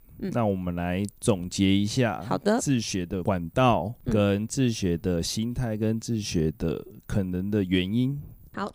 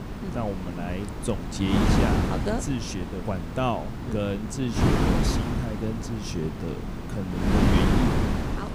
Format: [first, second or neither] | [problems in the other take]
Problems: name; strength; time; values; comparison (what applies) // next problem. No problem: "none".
first | wind noise on the microphone; heavy; 2 dB above the speech